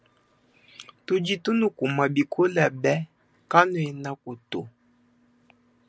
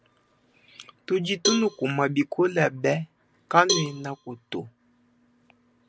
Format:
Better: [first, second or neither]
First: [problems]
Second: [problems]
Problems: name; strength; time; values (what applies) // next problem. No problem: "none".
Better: first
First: none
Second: background sound (Cowbell); 7 dB below the speech